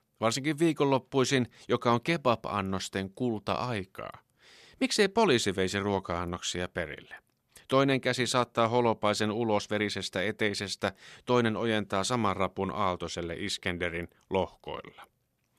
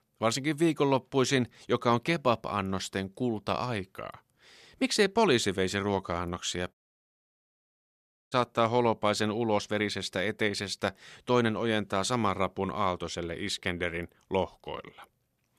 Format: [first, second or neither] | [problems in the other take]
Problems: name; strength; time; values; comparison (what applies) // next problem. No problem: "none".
first | audio cutting out; at 6.5 s for 1.5 s